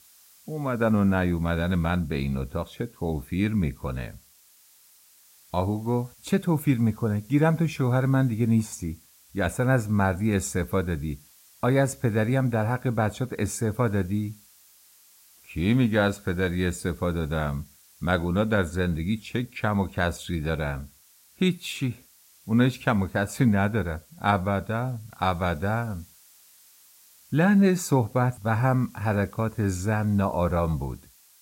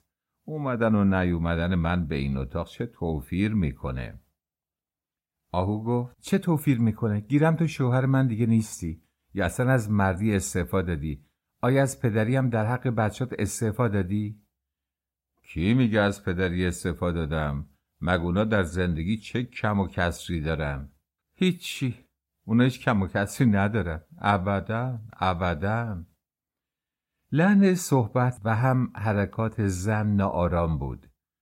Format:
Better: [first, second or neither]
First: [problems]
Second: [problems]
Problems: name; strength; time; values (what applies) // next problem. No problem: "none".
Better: second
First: hiss; faint; throughout; 25 dB below the speech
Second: none